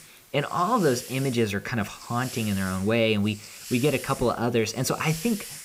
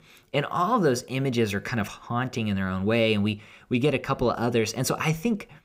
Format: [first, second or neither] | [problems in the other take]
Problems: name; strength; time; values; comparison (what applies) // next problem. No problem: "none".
second | hiss; noticeable; throughout; 15 dB below the speech